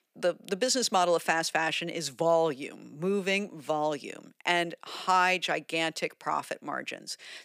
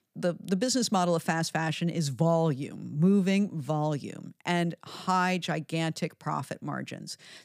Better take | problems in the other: second | thin; somewhat; fading below 450 Hz

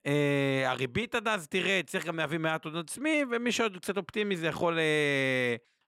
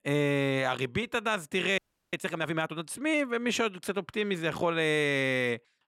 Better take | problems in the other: first | audio freezing; at 2 s

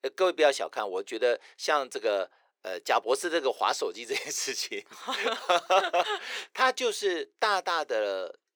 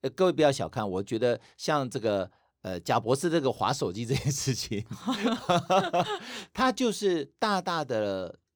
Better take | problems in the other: second | thin; very; fading below 400 Hz

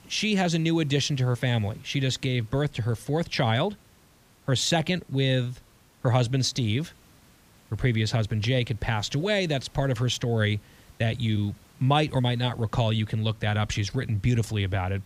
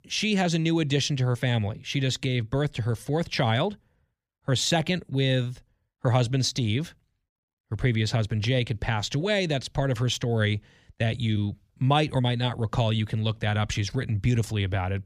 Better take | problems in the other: second | hiss; faint; throughout; 30 dB below the speech

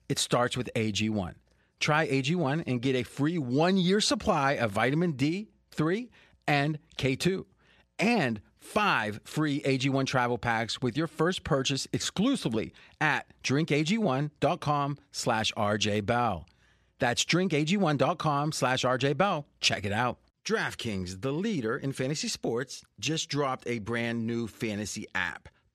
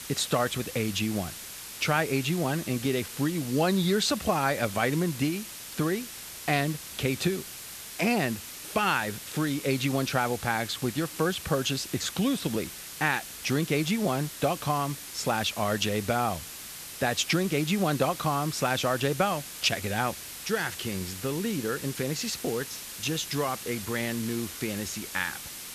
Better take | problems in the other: first | hiss; loud; throughout; 10 dB below the speech

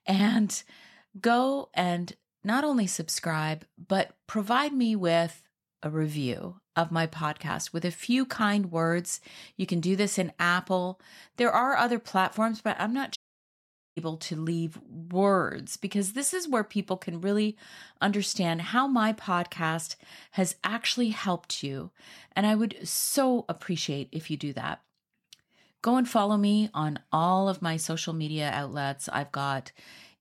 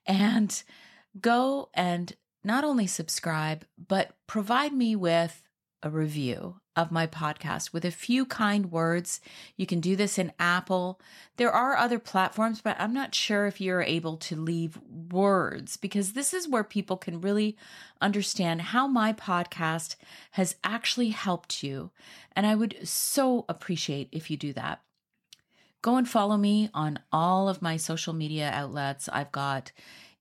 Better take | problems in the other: second | audio cutting out; at 13 s for 1 s

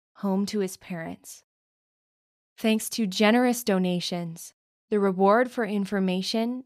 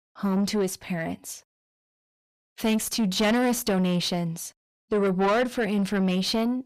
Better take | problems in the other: first | distortion; heavy; 6 dB below the speech

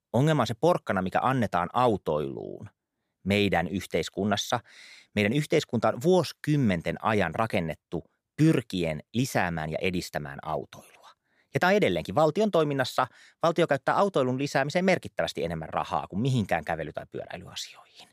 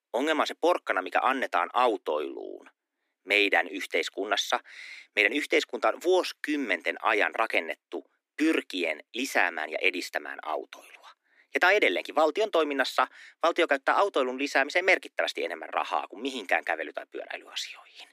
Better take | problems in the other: first | thin; somewhat; fading below 250 Hz

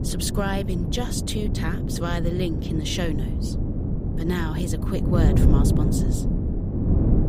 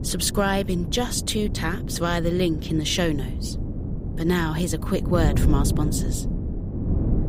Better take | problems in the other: second | wind noise on the microphone; heavy; 3 dB below the speech; occasional gusts in the second

